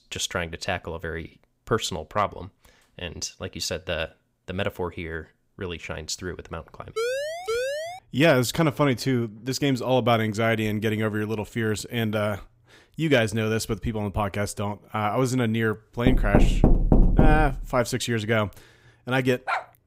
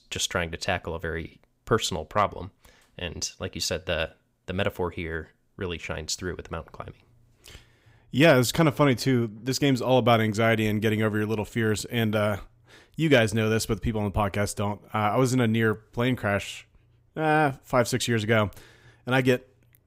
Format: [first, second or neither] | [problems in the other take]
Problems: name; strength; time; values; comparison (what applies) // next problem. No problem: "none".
second | siren; noticeable; from 7 to 8 s; peak 1 dB below the speech // door banging; loud; from 16 to 18 s; peak 6 dB above the speech // dog barking; noticeable; at 19 s; peak 3 dB below the speech